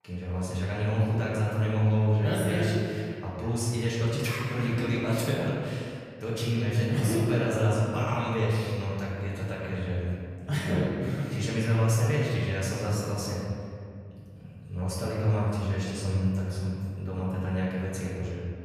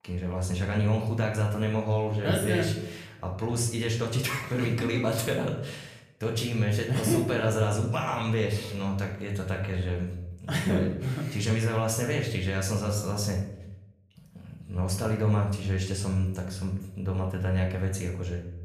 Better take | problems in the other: second | room echo; strong; dies away in 2.2 s; slight in the second // off-mic speech; far; somewhat distant in the second

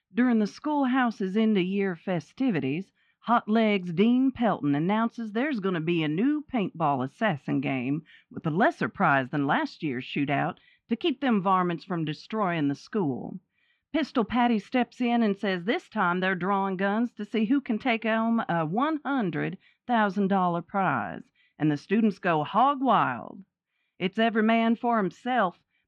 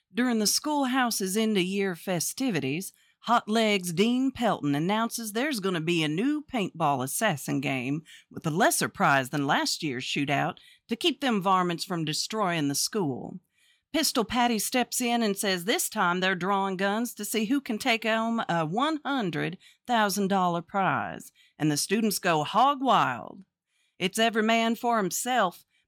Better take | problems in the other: second | muffled; very; fading above 2.5 kHz

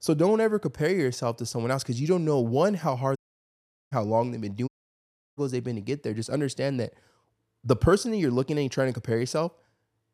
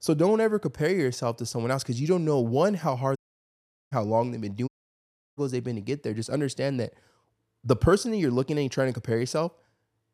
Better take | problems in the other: neither | audio cutting out; at 3 s for 1 s and at 4.5 s for 0.5 s; the same in both

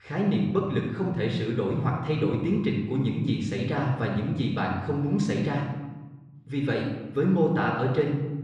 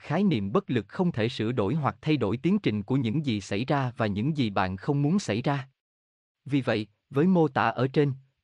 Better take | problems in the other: second | off-mic speech; somewhat distant // room echo; noticeable; dies away in 1 s

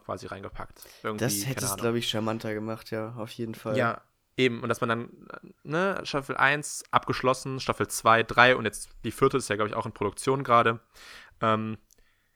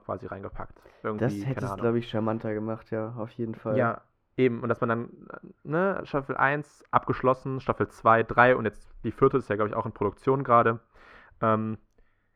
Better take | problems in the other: first | muffled; very; fading above 3 kHz

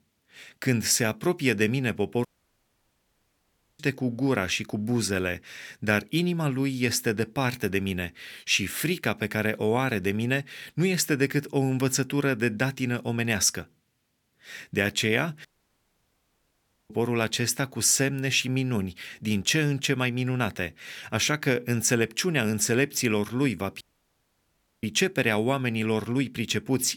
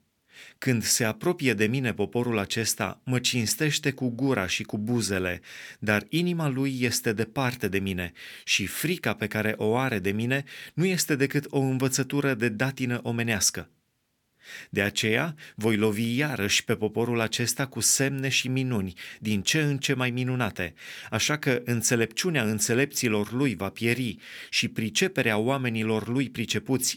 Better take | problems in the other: second | audio cutting out; at 2.5 s for 1.5 s, at 15 s for 1.5 s and at 24 s for 1 s

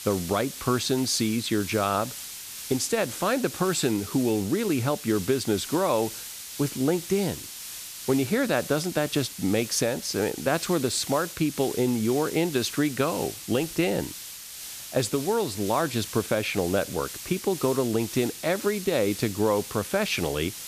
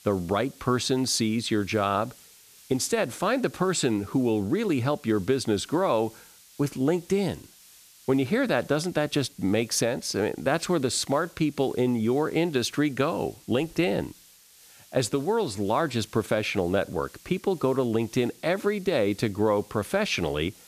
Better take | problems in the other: second | hiss; loud; throughout; 10 dB below the speech; faint in the second

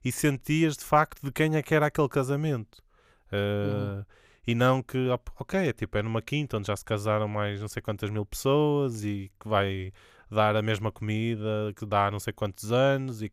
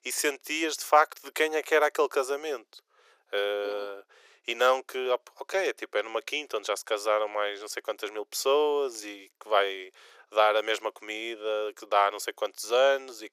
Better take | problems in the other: first | thin; very; fading below 400 Hz

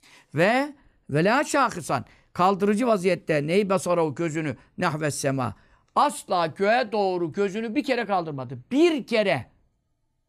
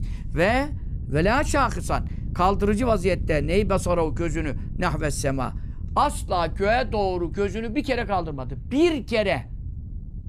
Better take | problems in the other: first | wind noise on the microphone; occasional gusts; 25 dB below the speech

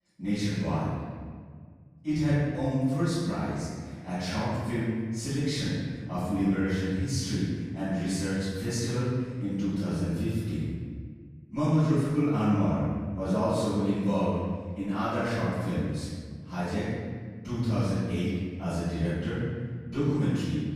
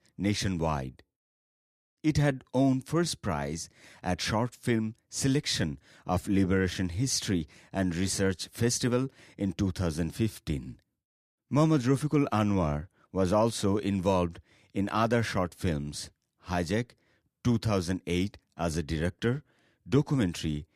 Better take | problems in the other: second | off-mic speech; far // room echo; strong; dies away in 1.7 s

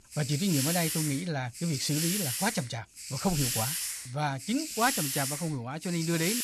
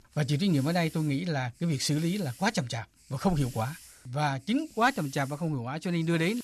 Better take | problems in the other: second | hiss; loud; throughout; 1 dB below the speech; faint in the second

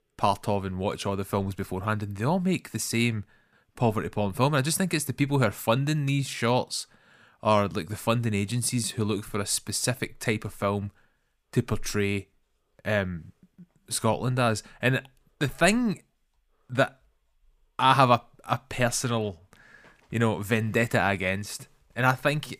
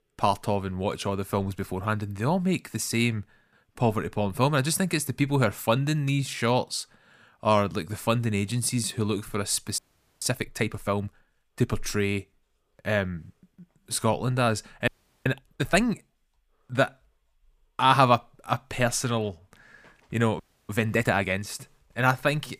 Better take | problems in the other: first | audio freezing; at 10 s, at 15 s and at 20 s

